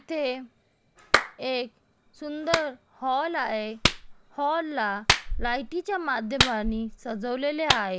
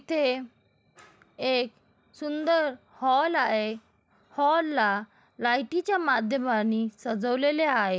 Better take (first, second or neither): second